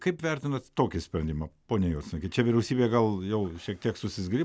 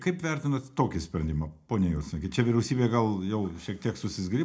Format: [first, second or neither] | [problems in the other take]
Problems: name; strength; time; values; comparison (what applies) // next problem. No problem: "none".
first | room echo; dies away in 0.2 s